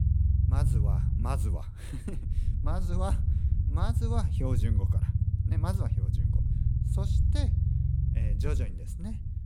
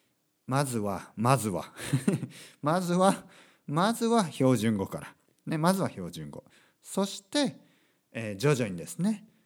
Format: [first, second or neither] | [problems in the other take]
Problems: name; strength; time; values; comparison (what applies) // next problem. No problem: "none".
second | low rumble; loud; throughout; 2 dB below the speech